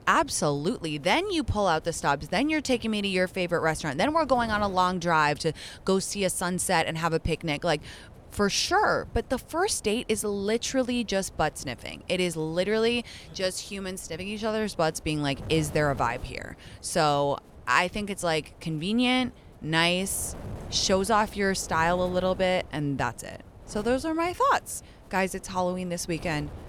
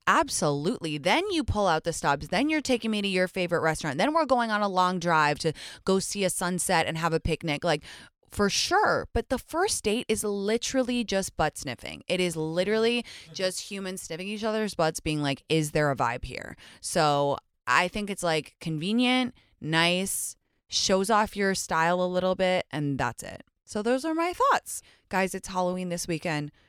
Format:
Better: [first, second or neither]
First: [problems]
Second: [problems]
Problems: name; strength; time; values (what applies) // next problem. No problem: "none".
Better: second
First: wind noise on the microphone; occasional gusts; 25 dB below the speech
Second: none